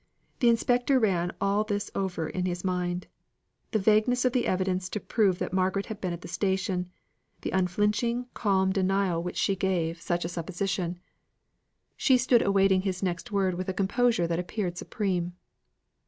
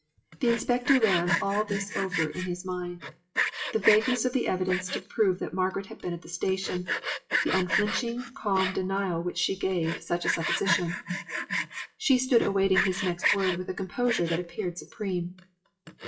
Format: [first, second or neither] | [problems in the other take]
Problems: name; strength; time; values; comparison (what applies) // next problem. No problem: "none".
first | noise reduction (classical method WPE with log-MMSE)